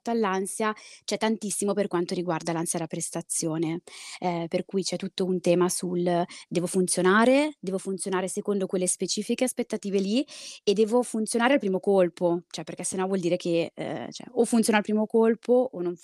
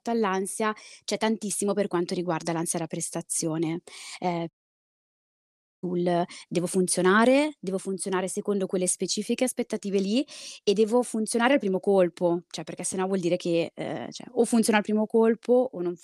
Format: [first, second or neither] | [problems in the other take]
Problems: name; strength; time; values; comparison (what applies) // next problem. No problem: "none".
first | audio cutting out; at 4.5 s for 1.5 s